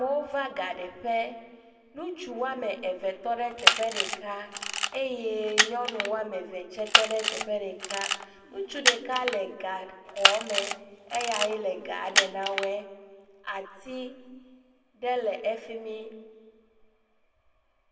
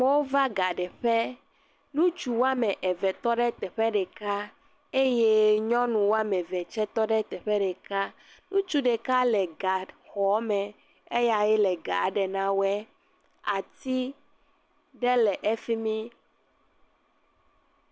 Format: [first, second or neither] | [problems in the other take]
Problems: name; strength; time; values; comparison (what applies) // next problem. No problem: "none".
second | background sound (Camera); 4 dB above the speech // room echo; dies away in 1.3 s